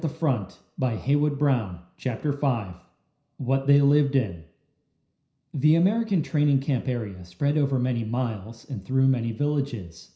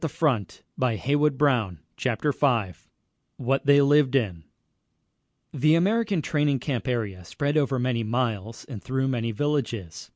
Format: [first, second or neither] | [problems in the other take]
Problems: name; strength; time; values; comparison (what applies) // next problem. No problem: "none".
second | room echo; dies away in 0.5 s